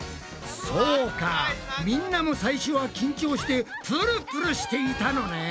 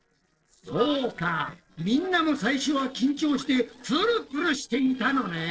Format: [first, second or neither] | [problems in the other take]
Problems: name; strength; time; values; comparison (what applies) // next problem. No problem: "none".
first | noise reduction (neural separator model SepFormer DNS4)